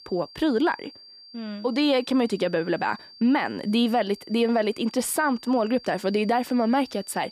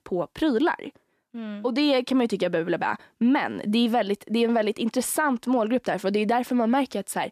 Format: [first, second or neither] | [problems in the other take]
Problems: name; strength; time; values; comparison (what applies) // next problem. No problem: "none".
second | high-pitched whine; faint; throughout; 4.5 kHz, 20 dB below the speech